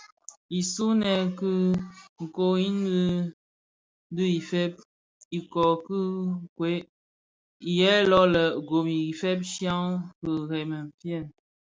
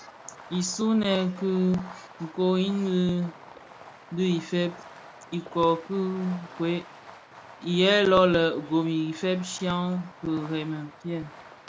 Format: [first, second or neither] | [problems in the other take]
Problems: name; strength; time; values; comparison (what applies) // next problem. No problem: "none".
first | background sound (Fireworks); 19 dB below the speech